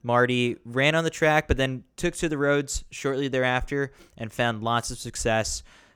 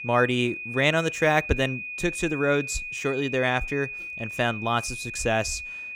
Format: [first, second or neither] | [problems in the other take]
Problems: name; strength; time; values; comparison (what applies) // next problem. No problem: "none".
first | high-pitched whine; loud; throughout; 2.5 kHz, 7 dB below the speech